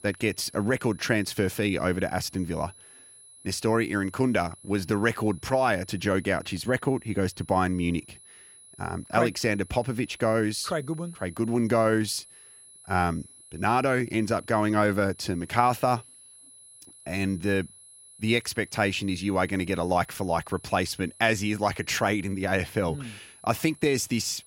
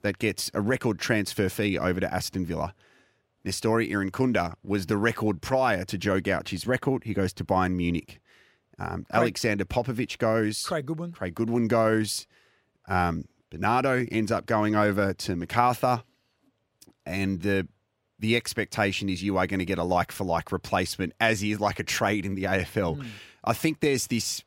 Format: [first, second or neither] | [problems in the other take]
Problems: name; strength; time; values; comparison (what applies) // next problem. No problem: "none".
second | high-pitched whine; faint; throughout; 10.5 kHz, 20 dB below the speech